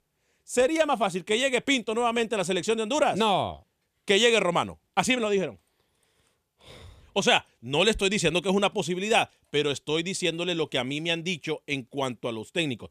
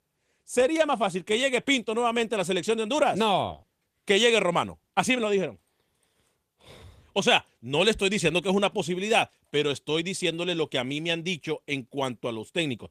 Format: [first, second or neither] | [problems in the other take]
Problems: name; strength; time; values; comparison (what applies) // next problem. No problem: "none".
first | garbled, watery; slightly; nothing above 14.5 kHz